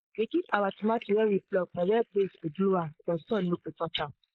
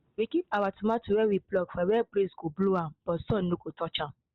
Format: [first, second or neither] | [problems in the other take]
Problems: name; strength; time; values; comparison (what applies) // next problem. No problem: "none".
second | noise reduction (neural mask model Resemble Enhance denoiser)